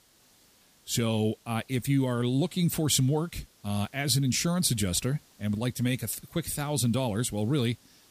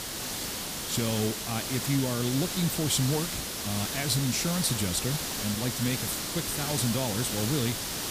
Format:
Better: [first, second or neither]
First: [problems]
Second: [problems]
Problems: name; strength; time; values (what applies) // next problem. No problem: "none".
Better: first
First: hiss; faint; throughout; 30 dB below the speech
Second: hiss; loud; throughout; 1 dB below the speech